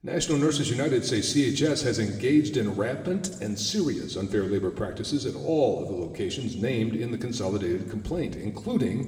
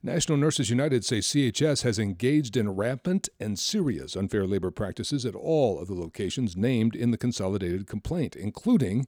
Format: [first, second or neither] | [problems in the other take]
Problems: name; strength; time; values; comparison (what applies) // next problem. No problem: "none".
second | room echo; slight; dies away in 1.9 s // off-mic speech; somewhat distant